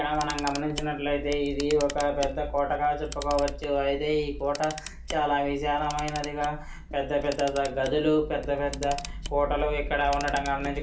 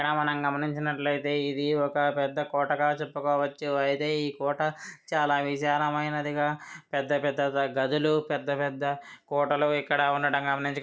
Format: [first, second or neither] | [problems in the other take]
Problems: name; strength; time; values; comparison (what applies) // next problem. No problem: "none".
second | background sound (Camera); 9 dB below the speech // room echo; dies away in 0.3 s